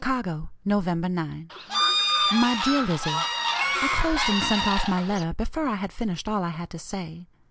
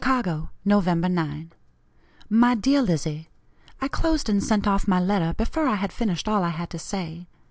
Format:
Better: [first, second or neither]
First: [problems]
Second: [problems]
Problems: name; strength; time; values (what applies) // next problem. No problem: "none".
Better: second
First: background sound (Bird / Fowl); 1 dB above the speech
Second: none